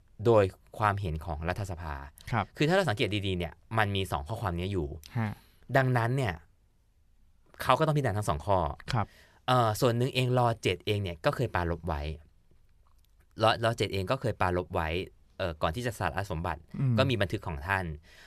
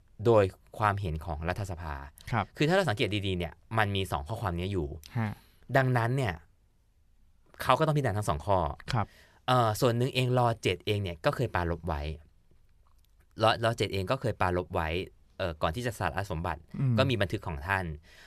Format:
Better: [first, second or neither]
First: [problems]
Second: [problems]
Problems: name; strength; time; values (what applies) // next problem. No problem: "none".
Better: neither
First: none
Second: none